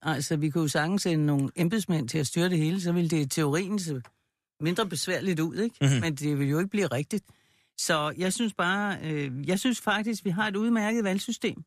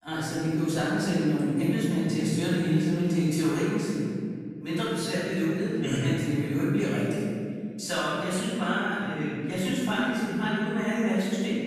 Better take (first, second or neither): first